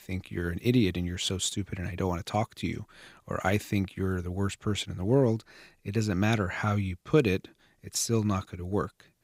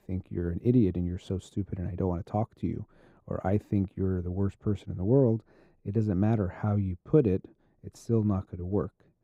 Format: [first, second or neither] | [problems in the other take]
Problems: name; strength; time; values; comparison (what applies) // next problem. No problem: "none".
first | muffled; very; fading above 1.5 kHz